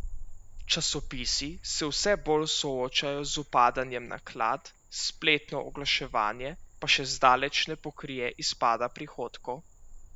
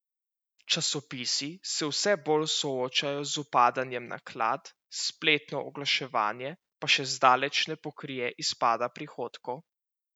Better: second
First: background sound (Frog); 14 dB below the speech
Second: none

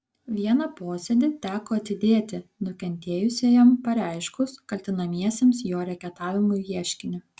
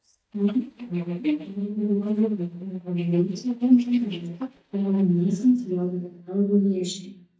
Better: first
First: none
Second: noise reduction (neural mask model DeepFilterNet 3)

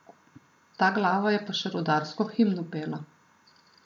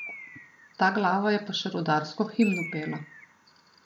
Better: first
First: none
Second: background sound (Bird); 15 dB below the speech

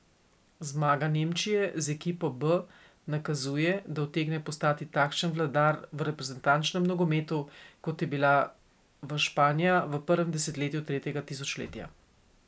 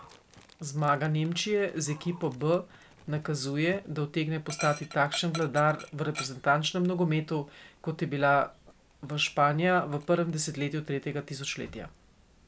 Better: first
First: none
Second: background sound (Dog); 19 dB below the speech

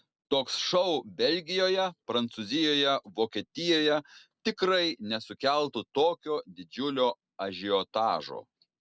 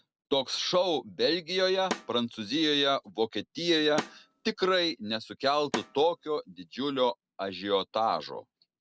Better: first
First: none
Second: background sound (Snare drum); 12 dB below the speech

